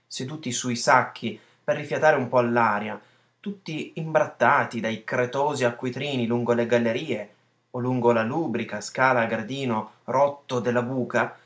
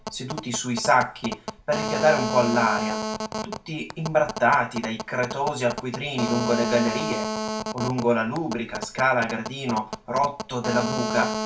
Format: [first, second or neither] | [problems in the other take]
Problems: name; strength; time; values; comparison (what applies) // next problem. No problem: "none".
first | background sound (Telephone); 6 dB below the speech // room echo; dies away in 0.2 s